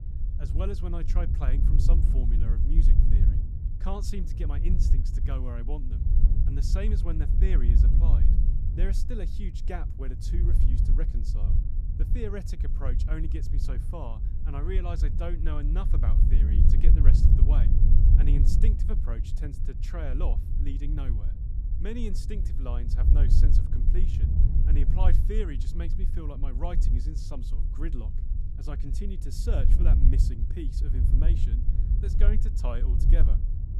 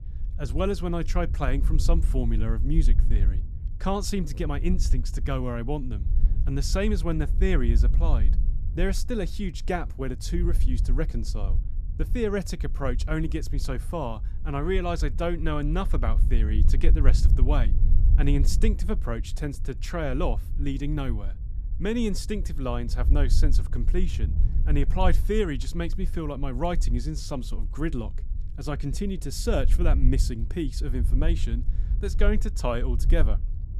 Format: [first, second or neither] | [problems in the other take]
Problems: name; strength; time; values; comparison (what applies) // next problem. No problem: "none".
second | wind noise on the microphone; heavy; 3 dB below the speech; occasional gusts in the second